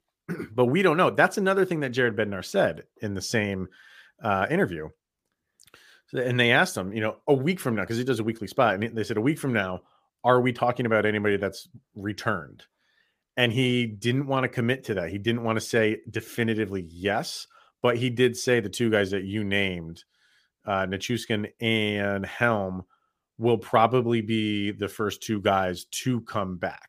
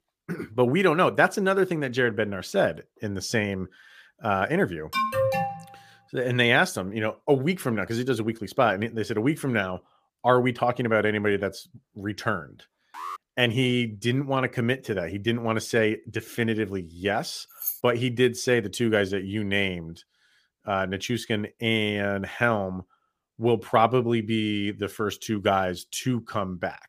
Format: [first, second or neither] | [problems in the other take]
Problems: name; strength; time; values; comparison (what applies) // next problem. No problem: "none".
first | alarm; loud; at 5 s; peak 1 dB above the speech // alarm; faint; at 13 s; peak 10 dB below the speech // jangling keys; noticeable; at 18 s; peak 5 dB below the speech